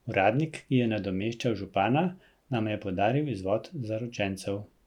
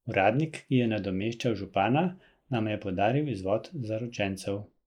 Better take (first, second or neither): first